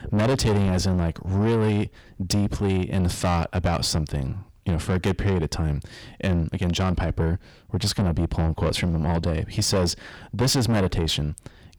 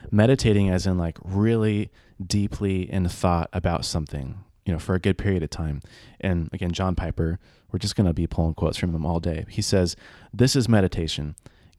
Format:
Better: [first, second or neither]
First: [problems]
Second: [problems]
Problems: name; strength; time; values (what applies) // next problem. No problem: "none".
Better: second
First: distortion; heavy; 7 dB below the speech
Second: none